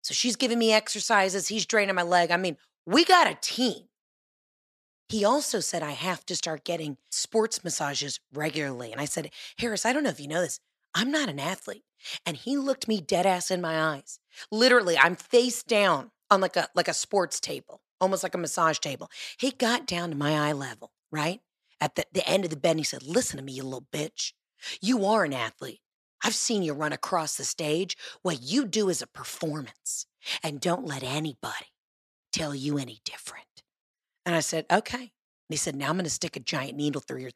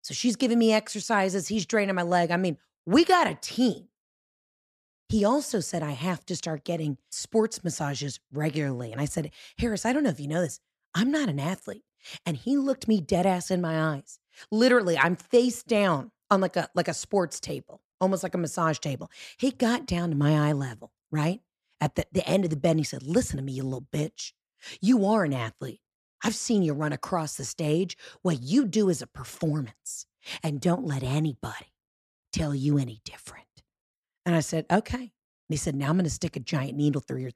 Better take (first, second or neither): second